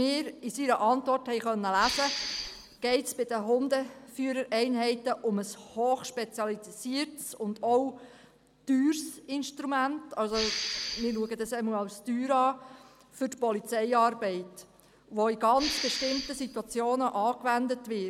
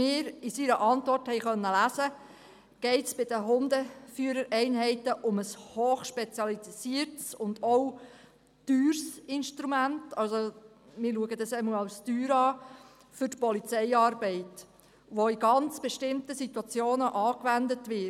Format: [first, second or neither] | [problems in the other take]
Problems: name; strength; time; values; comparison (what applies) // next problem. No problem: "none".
second | background sound (Respiratory sounds); 5 dB below the speech